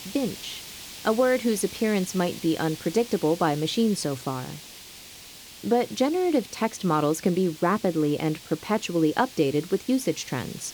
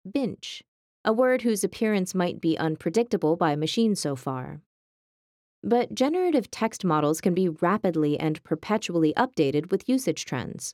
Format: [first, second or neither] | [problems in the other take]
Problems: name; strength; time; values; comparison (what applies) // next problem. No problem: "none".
second | hiss; noticeable; throughout; 15 dB below the speech